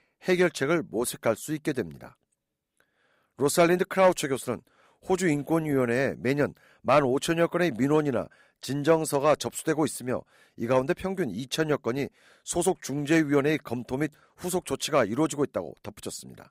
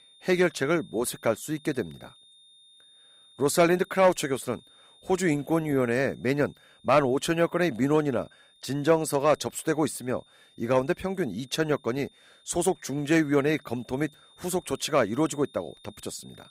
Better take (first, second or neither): first